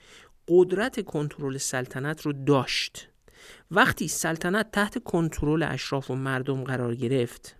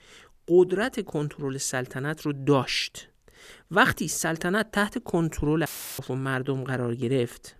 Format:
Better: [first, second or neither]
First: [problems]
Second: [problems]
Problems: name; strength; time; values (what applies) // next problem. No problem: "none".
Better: first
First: none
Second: audio cutting out; filled with static; at 5.5 s